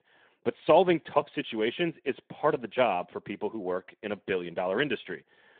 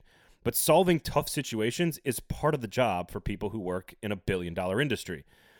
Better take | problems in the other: second | phone-call audio

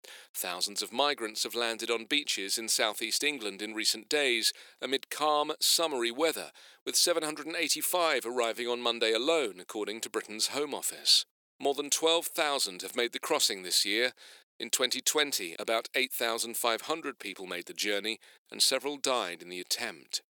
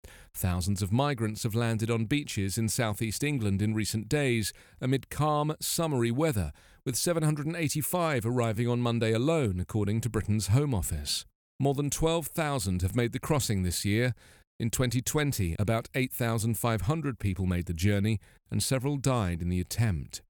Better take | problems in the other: second | thin; very; fading below 350 Hz

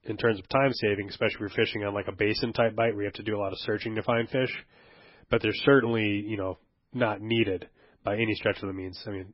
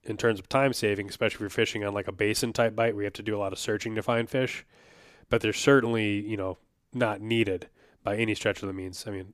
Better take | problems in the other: second | garbled, watery; badly; nothing above 5.5 kHz

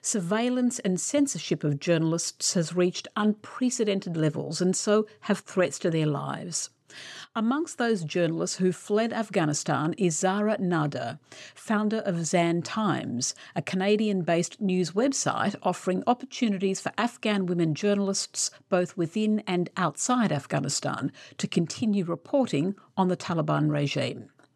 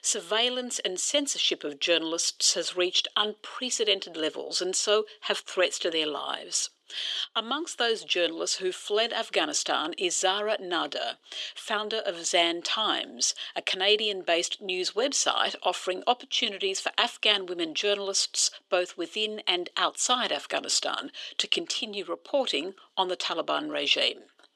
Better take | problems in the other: first | thin; very; fading below 350 Hz

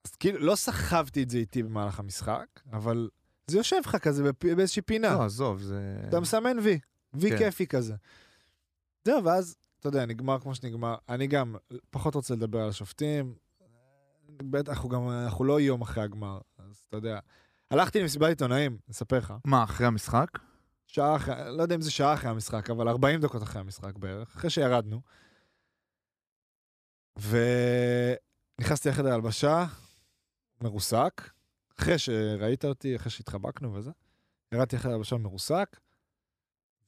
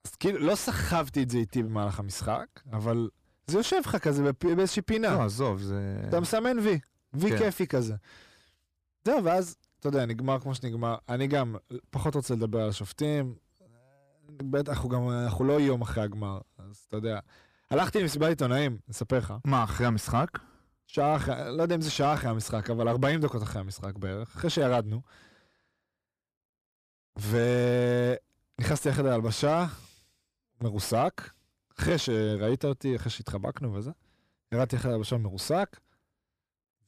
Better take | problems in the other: first | distortion; slight; 10 dB below the speech

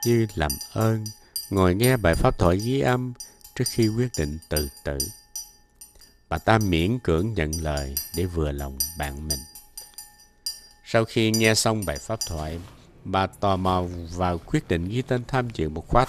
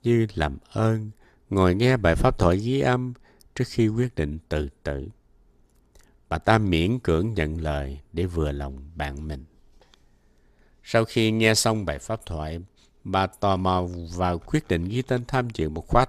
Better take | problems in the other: second | household noises; loud; throughout; 9 dB below the speech

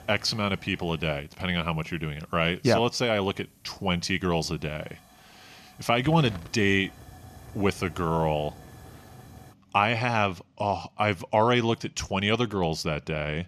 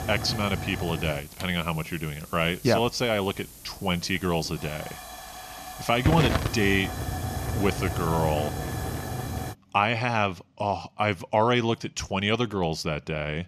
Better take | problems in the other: first | hiss; loud; until 9.5 s; 6 dB below the speech; faint in the first

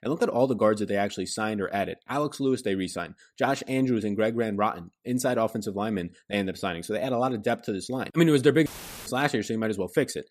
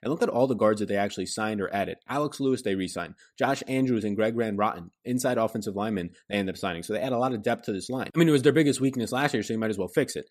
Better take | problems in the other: second | audio cutting out; filled with static; at 8.5 s

